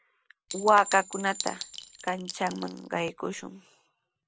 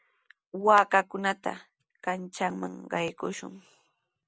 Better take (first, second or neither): second